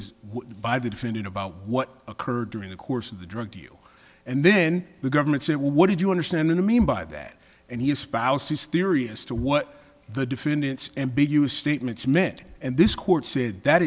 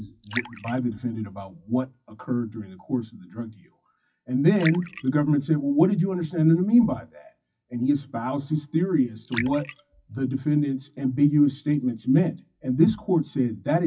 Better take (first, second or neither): first